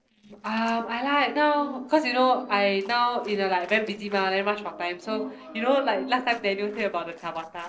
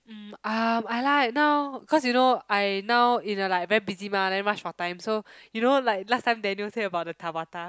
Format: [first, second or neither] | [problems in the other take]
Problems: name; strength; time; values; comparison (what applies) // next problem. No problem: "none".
second | noise reduction (neural separator model SepFormer DNS4)